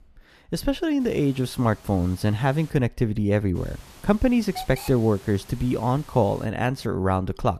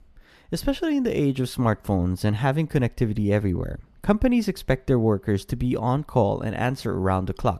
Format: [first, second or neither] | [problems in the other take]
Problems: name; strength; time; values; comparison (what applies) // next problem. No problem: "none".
second | hiss; noticeable; from 1 to 2.5 s and from 3.5 to 6.5 s; 20 dB below the speech